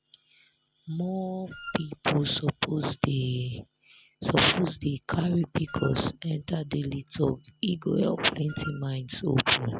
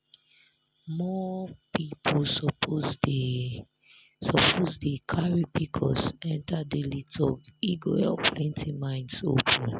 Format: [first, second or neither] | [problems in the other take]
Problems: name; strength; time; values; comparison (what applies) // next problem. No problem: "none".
second | background sound (Wind instrument, woodwind instrument); 14 dB below the speech